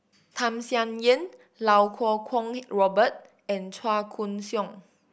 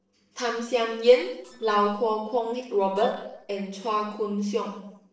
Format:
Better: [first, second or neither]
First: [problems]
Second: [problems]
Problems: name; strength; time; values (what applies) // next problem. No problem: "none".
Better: first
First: none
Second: noise reduction (neural separator model SepFormer DNS4)